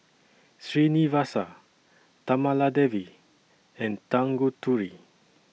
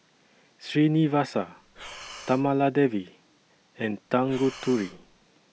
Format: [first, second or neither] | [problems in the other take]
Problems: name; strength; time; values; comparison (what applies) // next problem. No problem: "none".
first | background sound (Breathing); 18 dB below the speech